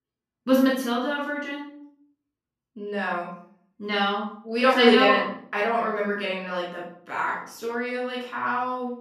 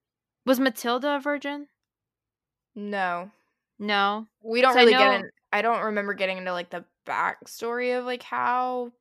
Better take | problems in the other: second | off-mic speech; far // room echo; noticeable; dies away in 0.5 s

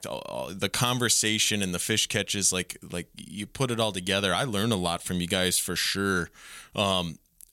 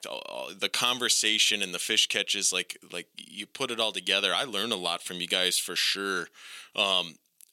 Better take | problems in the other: first | thin; somewhat; fading below 350 Hz

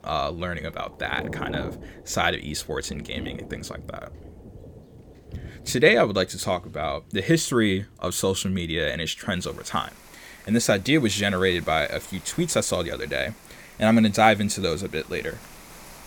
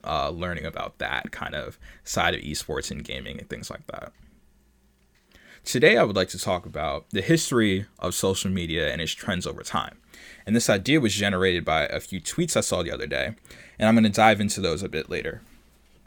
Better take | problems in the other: second | rain or running water; noticeable; throughout; 20 dB below the speech

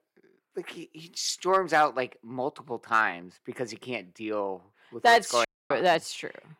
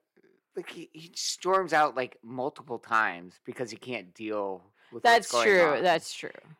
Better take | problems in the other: second | audio cutting out; at 5.5 s

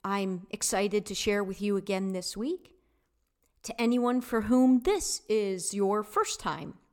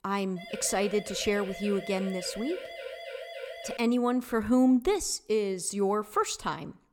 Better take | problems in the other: first | siren; faint; until 4 s; peak 10 dB below the speech

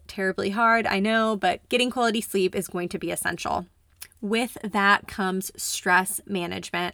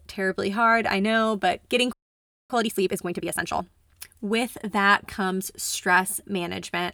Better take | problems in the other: first | audio freezing; at 2 s for 0.5 s

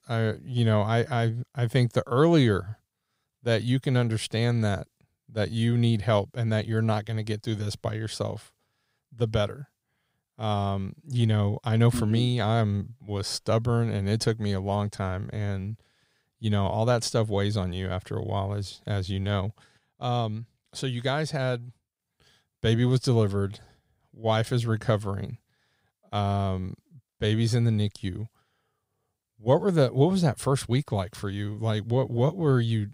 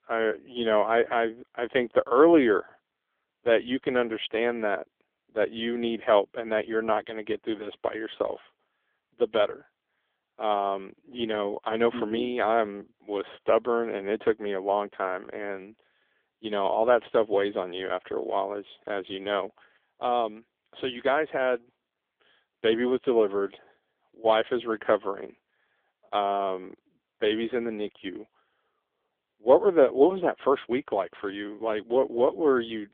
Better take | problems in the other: first | phone-call audio; poor line; nothing above 3.5 kHz

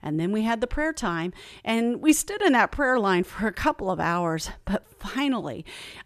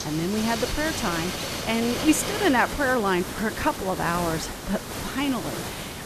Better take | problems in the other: first | hiss; loud; throughout; 5 dB below the speech

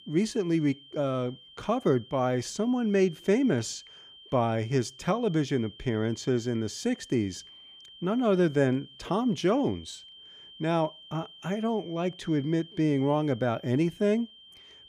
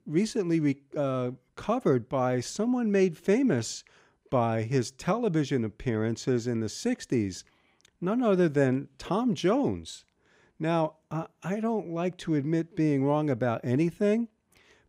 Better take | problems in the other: second | high-pitched whine; faint; throughout; 3 kHz, 20 dB below the speech

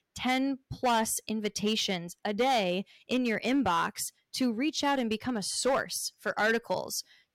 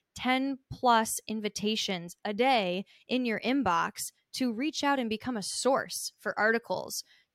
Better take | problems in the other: second | distortion; slight; 5% of the sound clipped

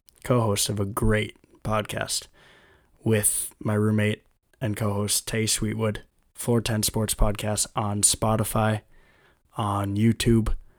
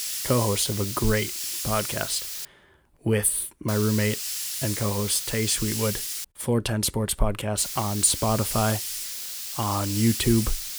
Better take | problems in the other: first | hiss; loud; until 2.5 s, from 3.5 to 6 s and from 7.5 s on; 4 dB below the speech

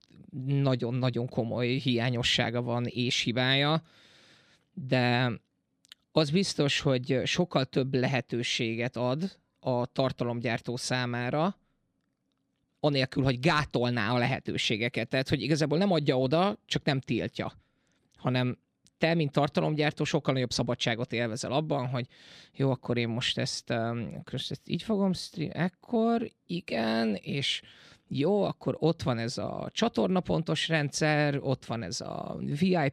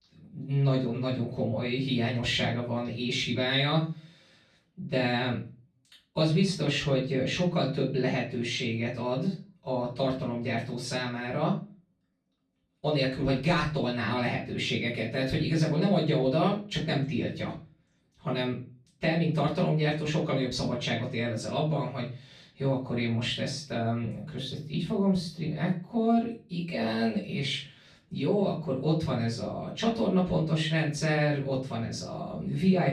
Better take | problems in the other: first | room echo; slight; dies away in 0.3 s // off-mic speech; far

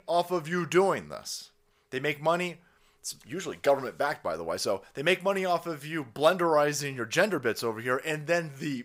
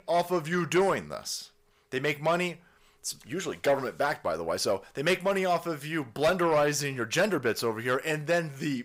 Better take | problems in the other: first | distortion; slight; 10 dB below the speech

